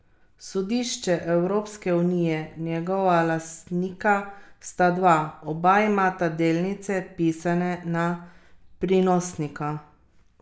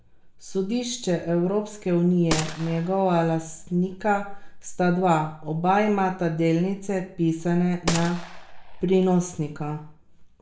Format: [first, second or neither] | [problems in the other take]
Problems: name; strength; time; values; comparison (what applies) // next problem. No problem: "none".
first | background sound (Gunshot, gunfire); 12 dB below the speech // room echo; dies away in 0.4 s